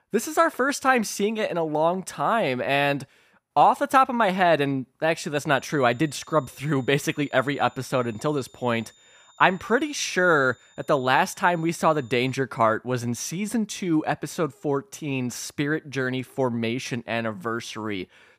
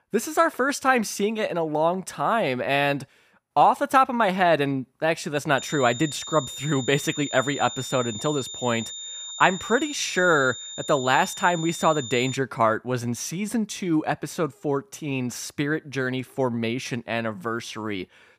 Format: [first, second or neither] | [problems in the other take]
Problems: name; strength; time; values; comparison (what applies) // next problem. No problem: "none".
first | high-pitched whine; loud; from 5.5 to 12 s; 3.5 kHz, 10 dB below the speech; faint in the first